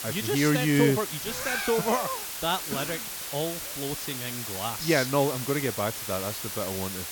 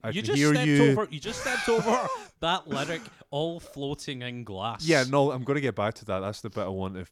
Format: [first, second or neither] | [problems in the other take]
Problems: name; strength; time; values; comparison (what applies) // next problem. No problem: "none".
second | hiss; loud; throughout; 5 dB below the speech